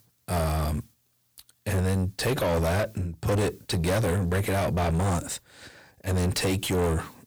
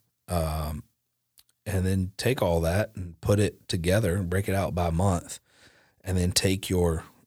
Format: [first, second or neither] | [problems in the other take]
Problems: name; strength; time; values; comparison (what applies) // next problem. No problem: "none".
second | distortion; heavy; 6 dB below the speech